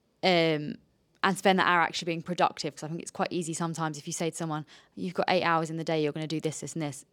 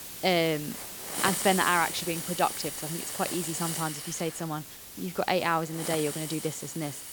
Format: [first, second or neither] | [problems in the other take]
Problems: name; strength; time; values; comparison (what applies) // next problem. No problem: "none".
first | hiss; loud; throughout; 5 dB below the speech